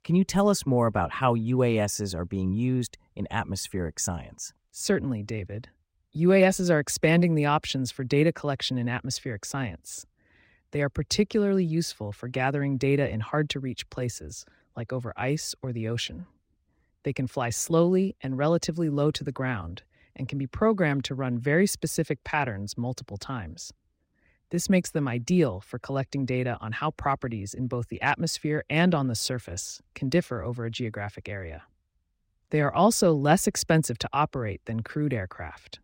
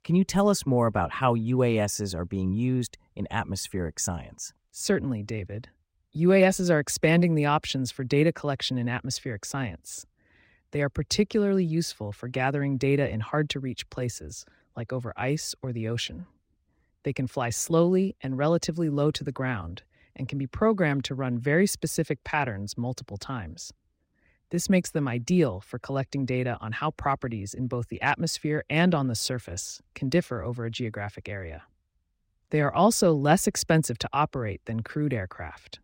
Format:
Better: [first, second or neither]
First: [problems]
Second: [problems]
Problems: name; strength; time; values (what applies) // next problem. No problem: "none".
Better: neither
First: none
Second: none